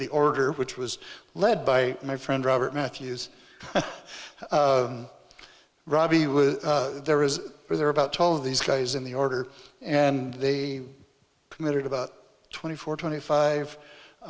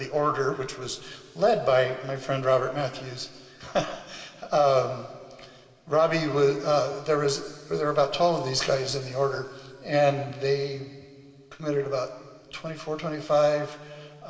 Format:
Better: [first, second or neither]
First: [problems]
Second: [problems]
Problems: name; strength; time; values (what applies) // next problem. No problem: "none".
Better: first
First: none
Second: room echo; dies away in 2.3 s